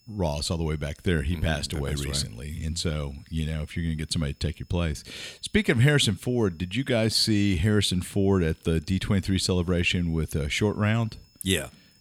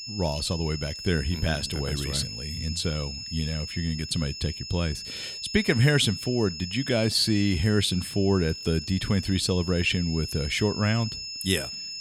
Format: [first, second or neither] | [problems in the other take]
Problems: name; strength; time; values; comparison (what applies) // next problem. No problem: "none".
first | high-pitched whine; loud; throughout; 5 kHz, 8 dB below the speech; faint in the first